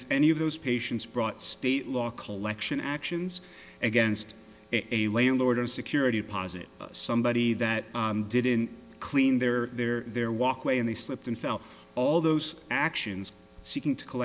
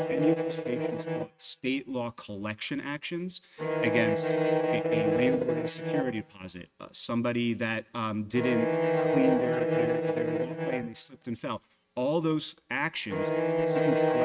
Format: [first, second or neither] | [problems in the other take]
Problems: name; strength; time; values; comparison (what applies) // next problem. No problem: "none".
first | noise reduction (neural mask model RNNoise)